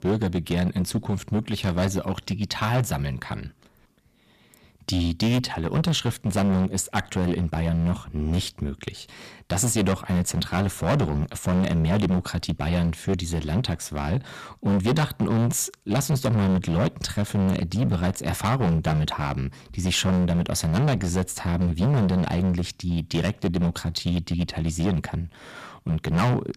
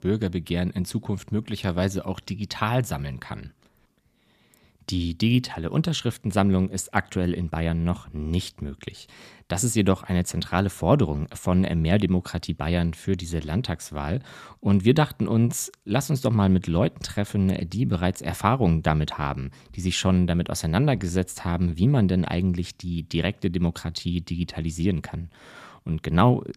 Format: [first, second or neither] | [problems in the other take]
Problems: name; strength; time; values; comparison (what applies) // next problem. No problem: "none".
second | distortion; heavy; 13% of the sound clipped